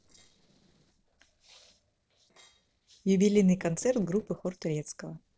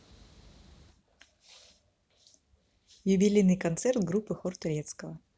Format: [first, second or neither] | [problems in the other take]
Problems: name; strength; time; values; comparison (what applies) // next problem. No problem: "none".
second | noise reduction (neural separator model SepFormer DNS4)